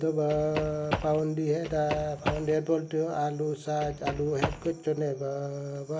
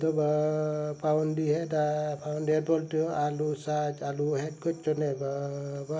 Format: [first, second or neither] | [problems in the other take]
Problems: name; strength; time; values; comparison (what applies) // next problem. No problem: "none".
second | background sound (Run); 6 dB below the speech